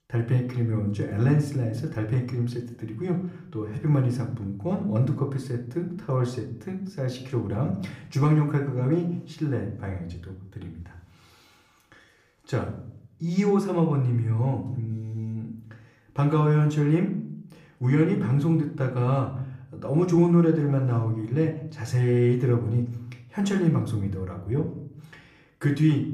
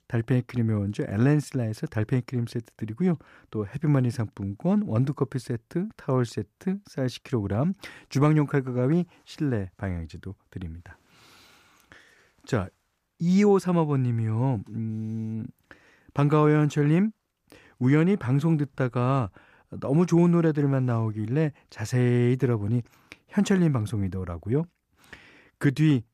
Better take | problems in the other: second | room echo; slight; dies away in 0.5 s // off-mic speech; somewhat distant

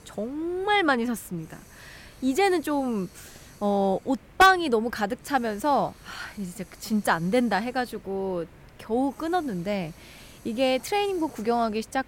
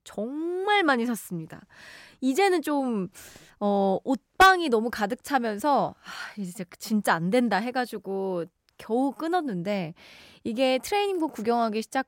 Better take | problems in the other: second | hiss; faint; throughout; 25 dB below the speech

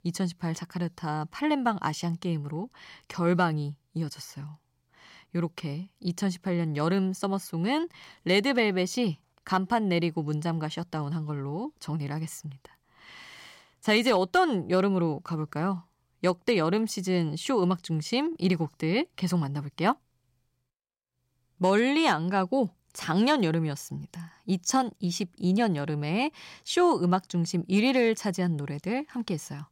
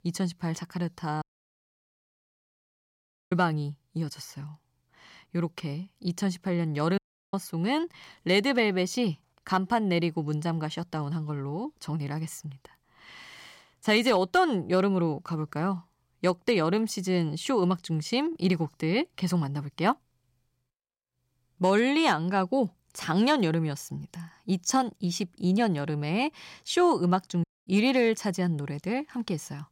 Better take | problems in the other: first | audio cutting out; at 1 s for 2 s, at 7 s and at 27 s

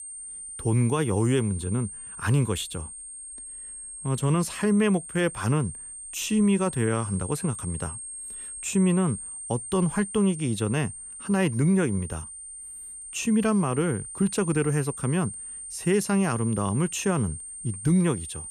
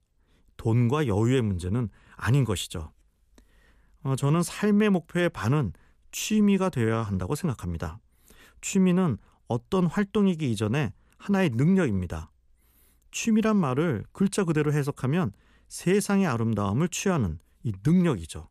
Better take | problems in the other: second | high-pitched whine; noticeable; throughout; 8.5 kHz, 10 dB below the speech

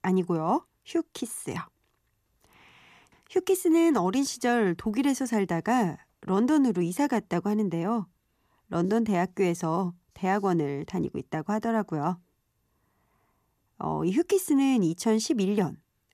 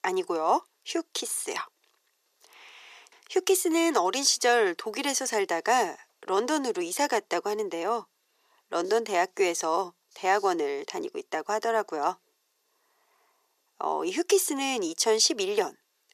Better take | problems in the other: first | thin; very; fading below 450 Hz

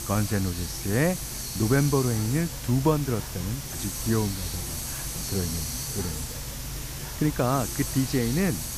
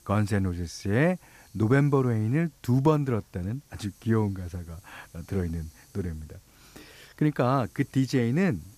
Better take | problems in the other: second | hiss; loud; throughout; 5 dB below the speech; faint in the second

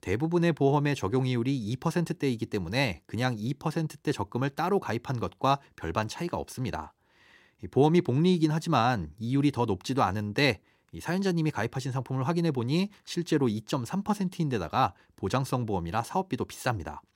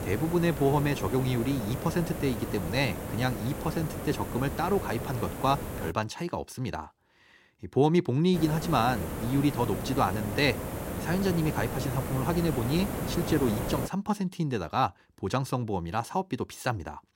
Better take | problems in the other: first | hiss; loud; until 6 s and from 8.5 to 14 s; 6 dB below the speech

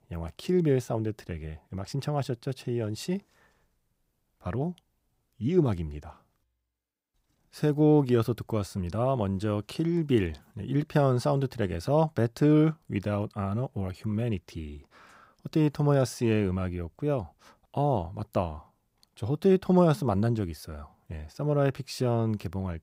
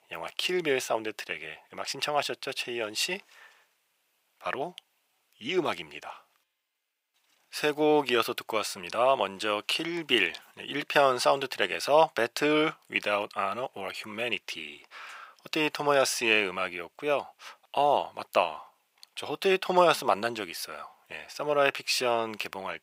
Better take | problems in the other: first | thin; very; fading below 700 Hz

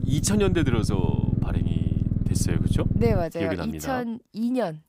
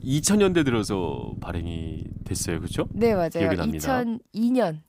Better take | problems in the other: second | low rumble; loud; until 3 s; 6 dB below the speech; faint in the second

